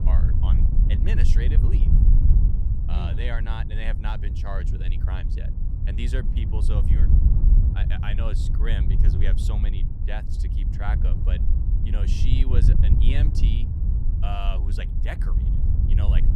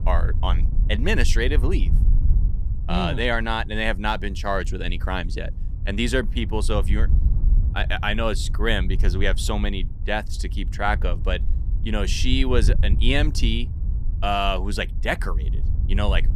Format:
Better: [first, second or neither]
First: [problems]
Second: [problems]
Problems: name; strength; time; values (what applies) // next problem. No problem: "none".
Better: second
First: wind noise on the microphone; heavy; 2 dB below the speech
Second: wind noise on the microphone; occasional gusts; 20 dB below the speech